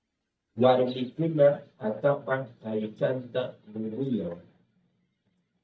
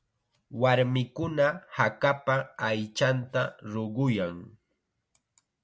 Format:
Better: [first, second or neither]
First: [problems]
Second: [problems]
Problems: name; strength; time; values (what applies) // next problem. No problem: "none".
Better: second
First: noise reduction (neural mask model DeepFilterNet 3)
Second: none